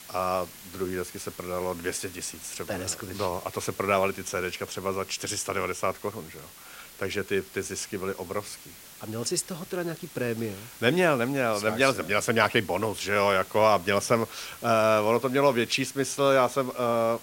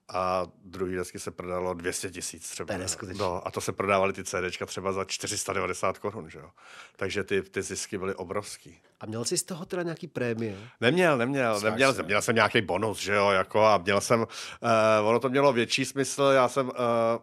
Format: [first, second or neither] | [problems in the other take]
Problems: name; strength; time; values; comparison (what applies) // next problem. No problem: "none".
second | hiss; noticeable; throughout; 15 dB below the speech